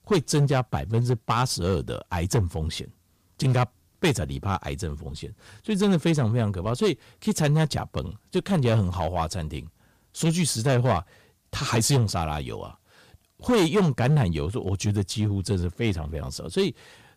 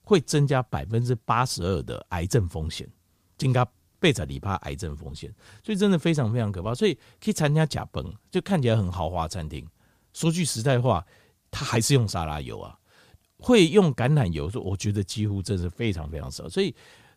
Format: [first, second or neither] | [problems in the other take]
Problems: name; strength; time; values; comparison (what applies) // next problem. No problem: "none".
second | distortion; slight; 5% of the sound clipped